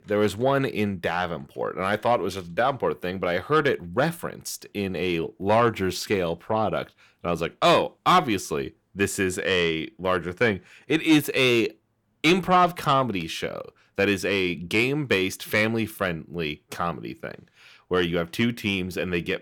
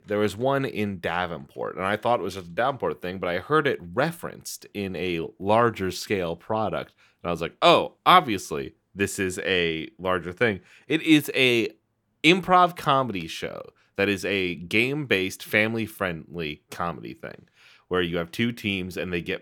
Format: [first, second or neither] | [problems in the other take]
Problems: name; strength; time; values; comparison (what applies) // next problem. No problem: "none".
second | distortion; slight; 10 dB below the speech